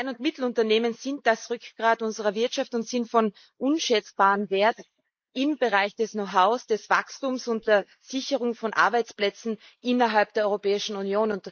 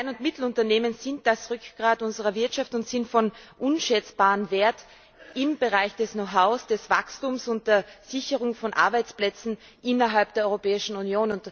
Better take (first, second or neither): second